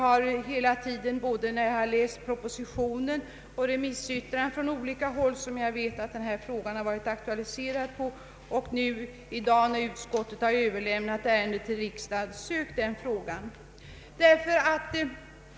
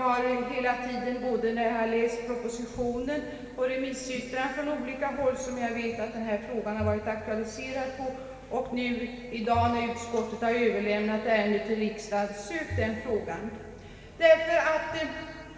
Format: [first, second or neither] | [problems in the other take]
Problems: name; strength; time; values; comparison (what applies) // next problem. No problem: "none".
first | background sound (Bowed string instrument); 13 dB below the speech // room echo; dies away in 2.2 s